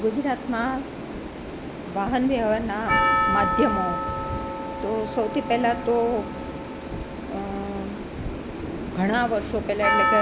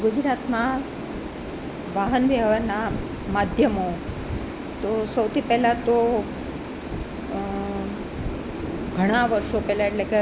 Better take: second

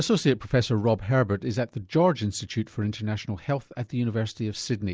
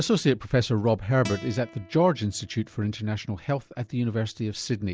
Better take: first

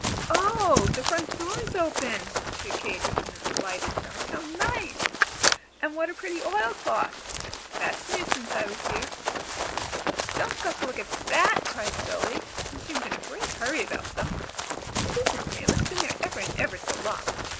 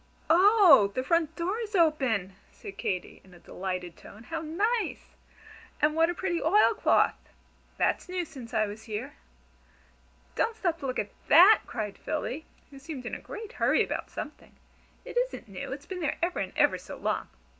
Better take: second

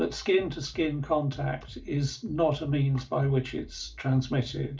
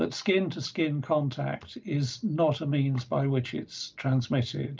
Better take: second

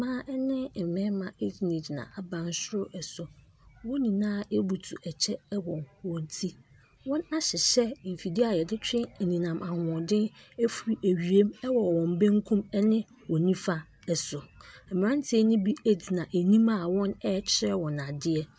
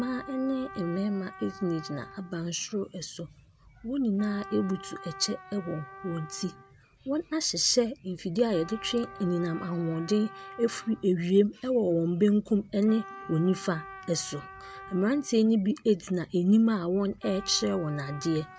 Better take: first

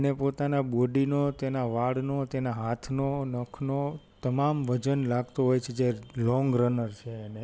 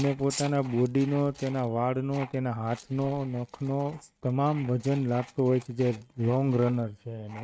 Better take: first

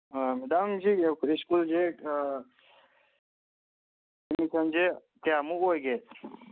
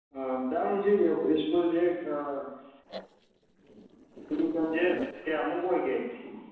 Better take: first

